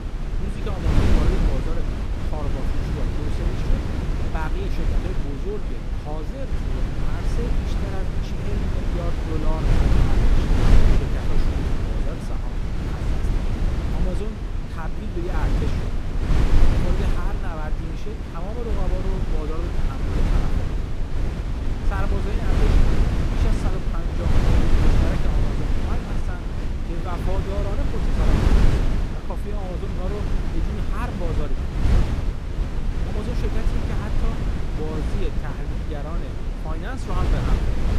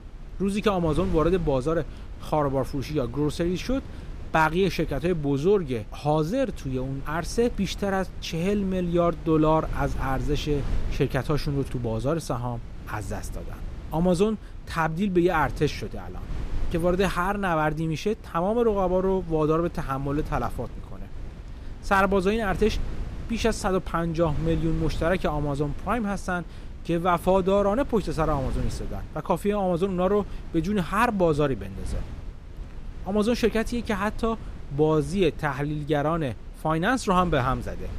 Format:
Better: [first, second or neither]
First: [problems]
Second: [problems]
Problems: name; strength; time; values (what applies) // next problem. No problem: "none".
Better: second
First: wind noise on the microphone; heavy; 3 dB above the speech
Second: wind noise on the microphone; occasional gusts; 20 dB below the speech